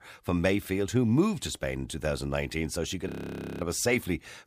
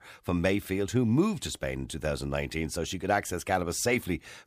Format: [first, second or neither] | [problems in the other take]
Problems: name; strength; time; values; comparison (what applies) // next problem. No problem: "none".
second | audio freezing; at 3 s for 0.5 s